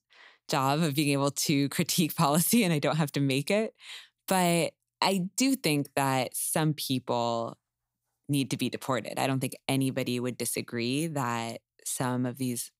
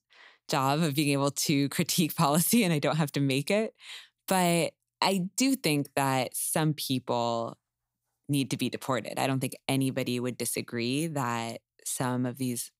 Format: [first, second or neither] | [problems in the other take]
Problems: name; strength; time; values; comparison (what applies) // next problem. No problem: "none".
neither | none